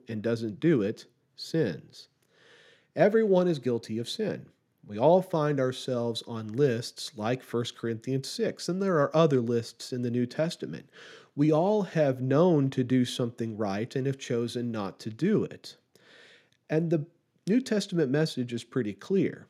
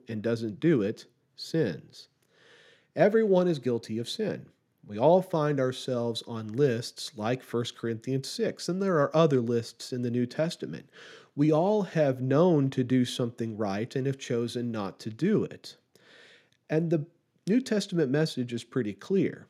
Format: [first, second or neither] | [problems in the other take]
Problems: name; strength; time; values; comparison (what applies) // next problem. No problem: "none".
neither | none